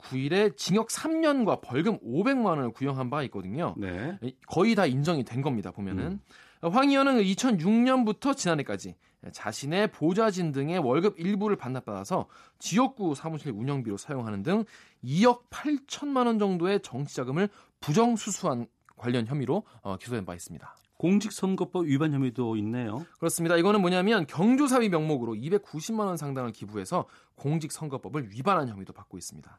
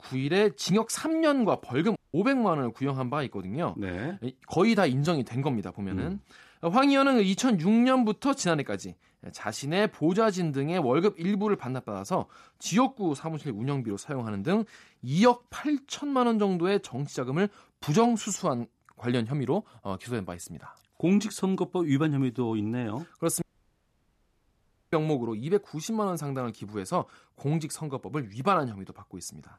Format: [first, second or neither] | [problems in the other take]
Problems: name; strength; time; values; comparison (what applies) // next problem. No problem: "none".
first | audio cutting out; at 2 s and at 23 s for 1.5 s